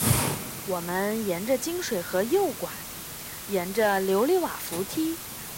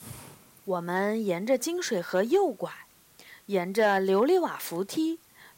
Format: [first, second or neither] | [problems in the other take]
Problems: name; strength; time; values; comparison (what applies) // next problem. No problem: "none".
second | hiss; loud; throughout; 6 dB below the speech; faint in the second